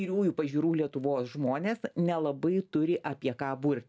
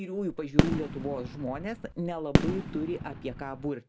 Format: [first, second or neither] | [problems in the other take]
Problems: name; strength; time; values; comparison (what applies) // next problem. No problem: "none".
first | background sound (Fireworks); 3 dB above the speech